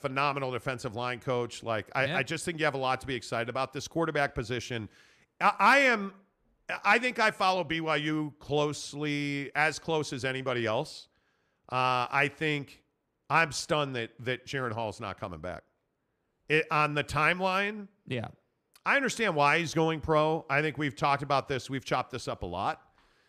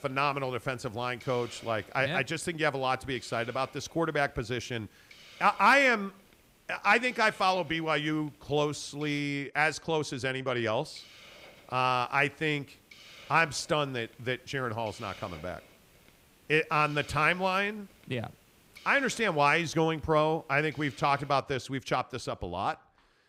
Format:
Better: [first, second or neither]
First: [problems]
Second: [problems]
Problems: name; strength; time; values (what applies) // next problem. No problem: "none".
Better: first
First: none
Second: hiss; faint; until 9 s and from 11 to 21 s; 25 dB below the speech